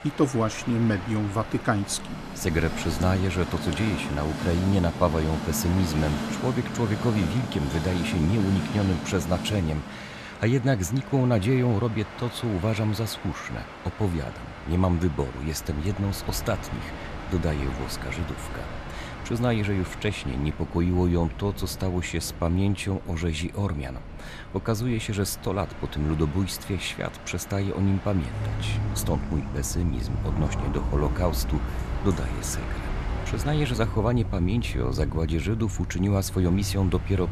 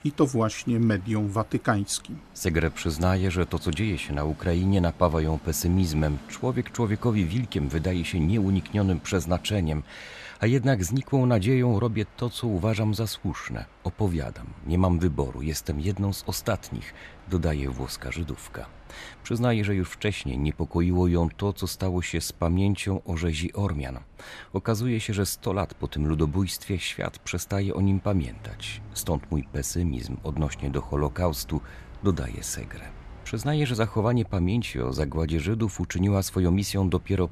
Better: second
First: train or aircraft noise; loud; throughout; 7 dB below the speech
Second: train or aircraft noise; faint; throughout; 20 dB below the speech

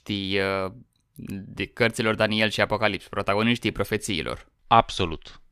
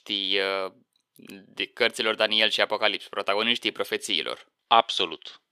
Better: first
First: none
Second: thin; somewhat; fading below 400 Hz

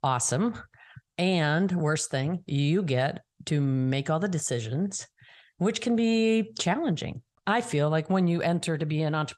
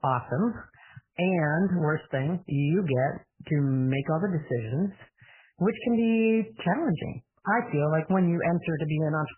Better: first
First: none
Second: garbled, watery; badly; nothing above 3 kHz

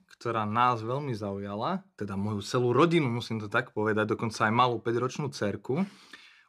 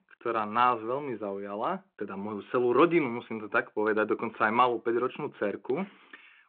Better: first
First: none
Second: phone-call audio; nothing above 3.5 kHz

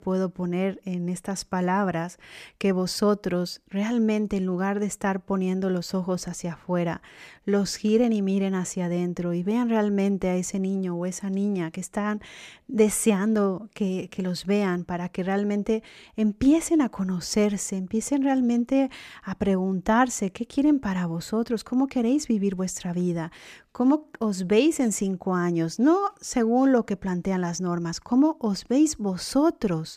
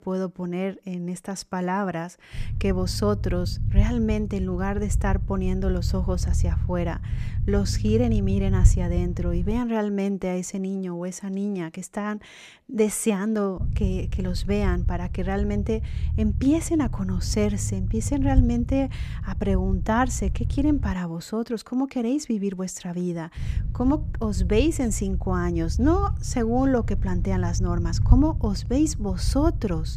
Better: first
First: none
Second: low rumble; noticeable; from 2.5 to 9.5 s, from 14 to 21 s and from 23 s on; 15 dB below the speech

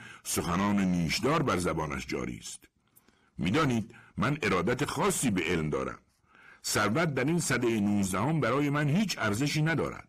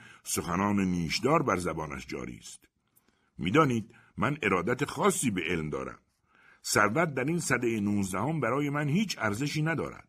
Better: second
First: distortion; heavy; 7 dB below the speech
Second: none

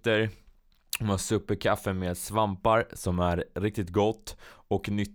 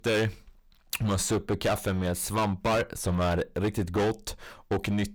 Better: first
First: none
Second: distortion; heavy; 13% of the sound clipped

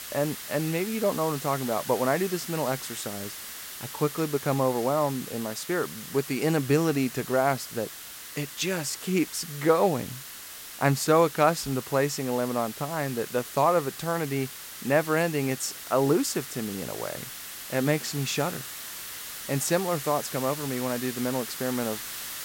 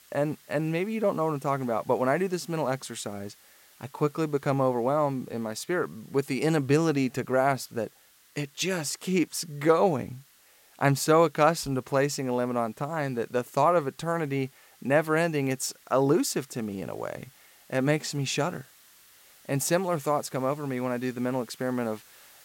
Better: second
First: hiss; loud; throughout; 10 dB below the speech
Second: hiss; faint; throughout; 25 dB below the speech

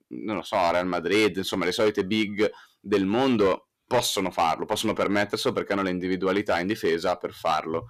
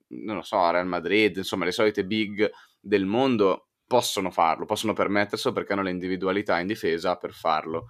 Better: second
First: distortion; slight; 5% of the sound clipped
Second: none

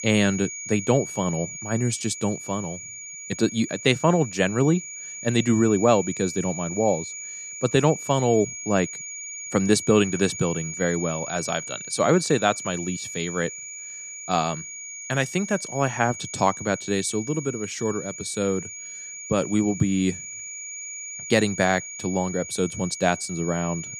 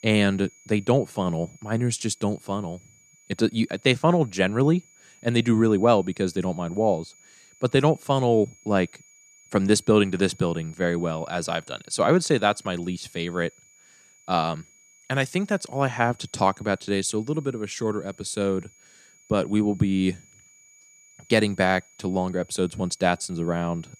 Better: second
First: high-pitched whine; loud; throughout; 6.5 kHz, 9 dB below the speech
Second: high-pitched whine; faint; throughout; 6.5 kHz, 30 dB below the speech

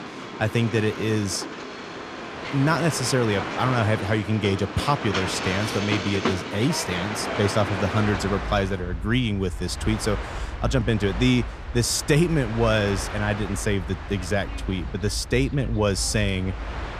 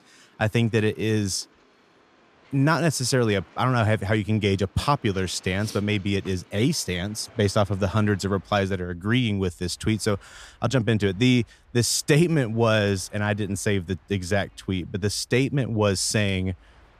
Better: second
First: train or aircraft noise; loud; throughout; 7 dB below the speech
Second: train or aircraft noise; faint; throughout; 30 dB below the speech

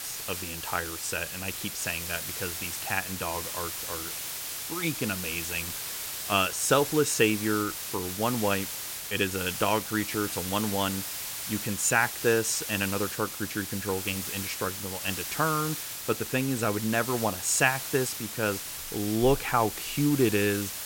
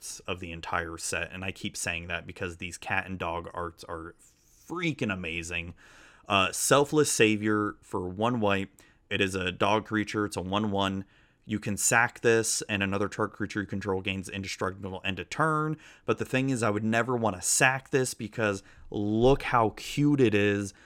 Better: second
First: hiss; loud; throughout; 5 dB below the speech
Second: none

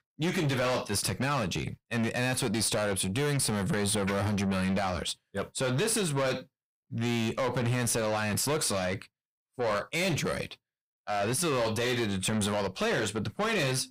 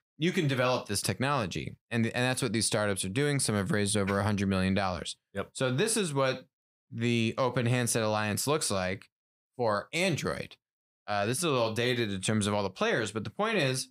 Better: second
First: distortion; heavy; 7 dB below the speech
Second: none

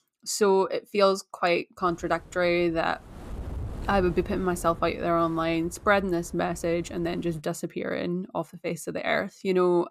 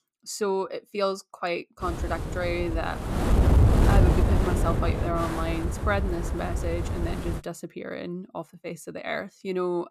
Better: first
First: wind noise on the microphone; occasional gusts; from 2 to 7.5 s; 25 dB below the speech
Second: wind noise on the microphone; heavy; from 2 to 7.5 s; 2 dB below the speech

